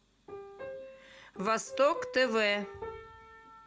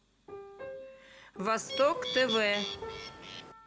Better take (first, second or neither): first